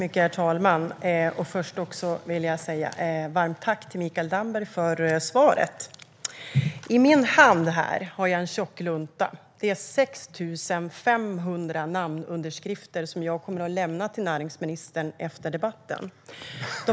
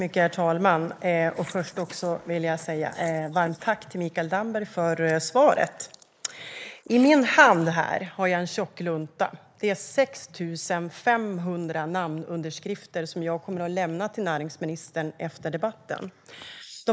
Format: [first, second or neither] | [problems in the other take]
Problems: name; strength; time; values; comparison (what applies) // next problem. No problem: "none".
first | noise reduction (neural mask model Resemble Enhance denoiser)